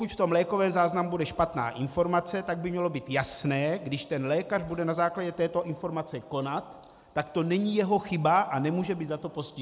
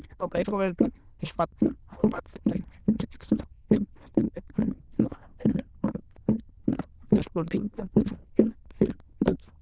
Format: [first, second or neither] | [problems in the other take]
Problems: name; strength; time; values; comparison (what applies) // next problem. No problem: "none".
first | noise reduction (neural diffusion model UNIVERSE++)